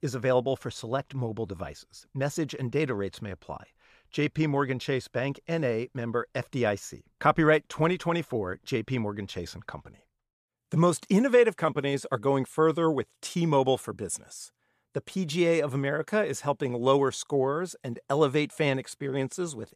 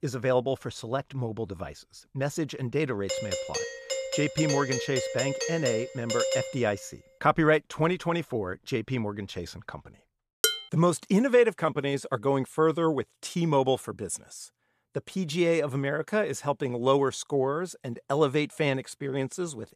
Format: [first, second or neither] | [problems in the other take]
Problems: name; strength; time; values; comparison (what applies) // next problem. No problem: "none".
first | doorbell; noticeable; from 3 to 6.5 s; peak level with the speech // clattering dishes; loud; at 10 s; peak 2 dB above the speech